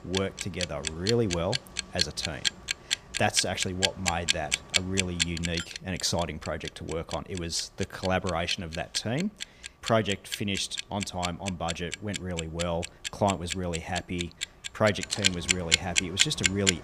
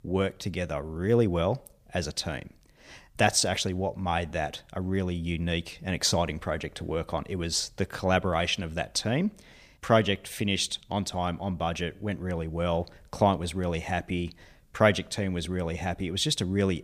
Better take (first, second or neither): second